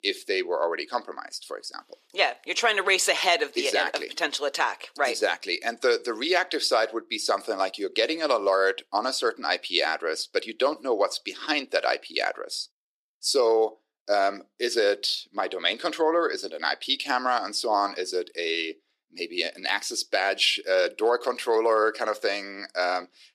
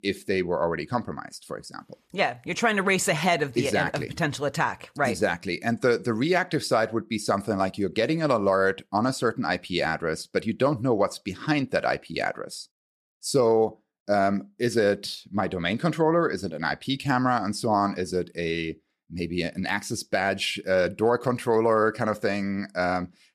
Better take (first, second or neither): second